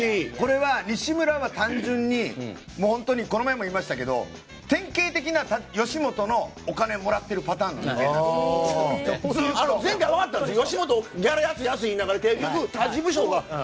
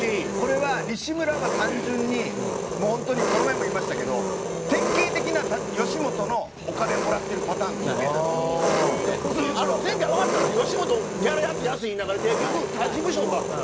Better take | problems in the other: first | background sound (Engine); 1 dB below the speech

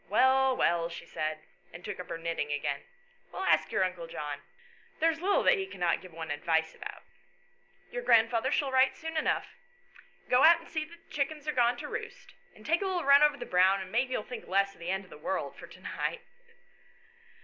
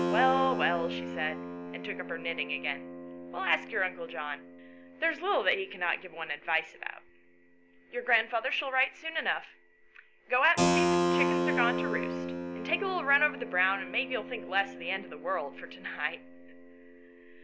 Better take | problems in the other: first | background sound (Keyboard (musical)); 3 dB below the speech

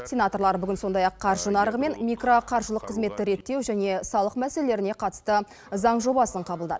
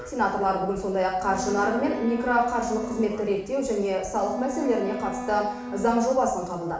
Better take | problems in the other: first | background sound (Bowed string instrument); 10 dB below the speech // room echo; dies away in 0.8 s

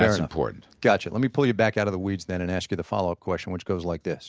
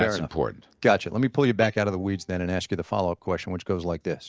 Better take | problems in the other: first | noise reduction (neural mask model DeepFilterNet 3)

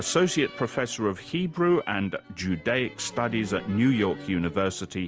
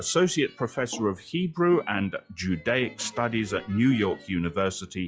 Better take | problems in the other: first | noise reduction (classical method log-MMSE)

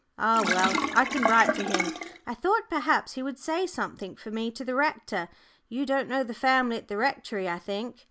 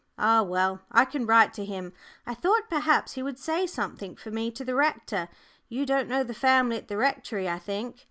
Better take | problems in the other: second | background sound (Sink (filling or washing)); 2 dB below the speech

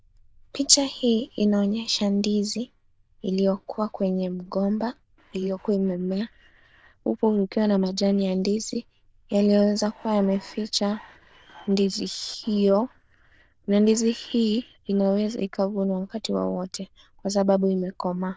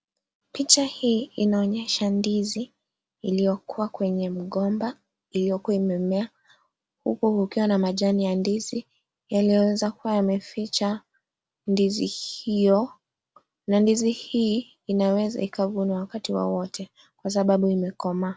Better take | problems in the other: second | noise reduction (neural diffusion model UNIVERSE++)

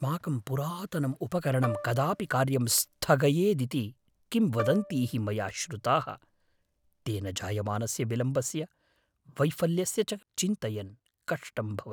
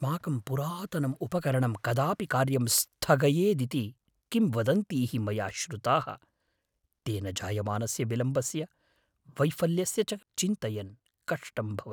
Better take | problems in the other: second | background sound (Bowed string instrument); 14 dB below the speech

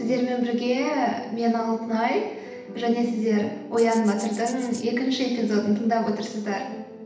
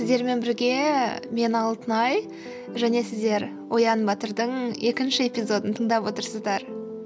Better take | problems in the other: second | background sound (Rattle (instrument)); 17 dB below the speech // room echo; dies away in 0.8 s

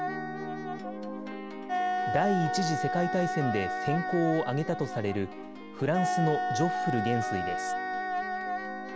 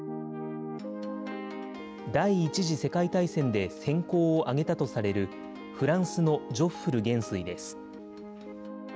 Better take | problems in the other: second | background sound (Wind instrument, woodwind instrument); 1 dB below the speech

